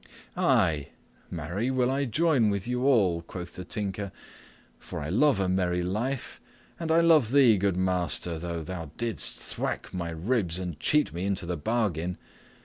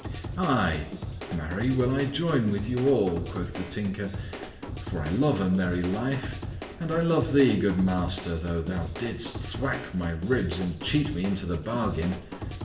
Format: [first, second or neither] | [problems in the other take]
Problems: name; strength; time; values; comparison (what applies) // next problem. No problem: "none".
first | background sound (Drum / Drum kit); 9 dB below the speech // room echo; dies away in 0.7 s